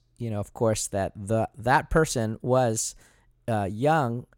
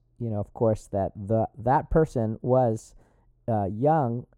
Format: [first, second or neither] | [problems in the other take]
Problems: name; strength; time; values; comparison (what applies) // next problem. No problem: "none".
first | muffled; very; fading above 1.5 kHz